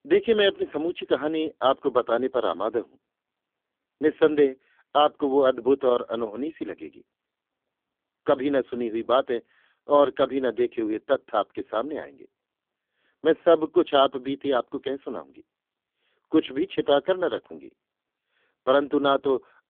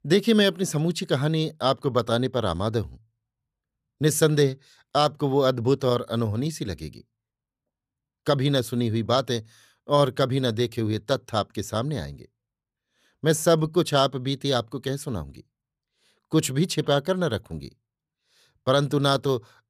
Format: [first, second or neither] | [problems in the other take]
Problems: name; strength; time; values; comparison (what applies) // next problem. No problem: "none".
second | phone-call audio; poor line; nothing above 3.5 kHz